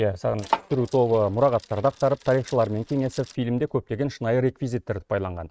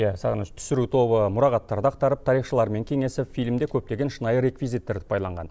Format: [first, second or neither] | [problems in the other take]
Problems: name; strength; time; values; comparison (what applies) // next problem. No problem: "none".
second | noise reduction (neural mask model RNNoise)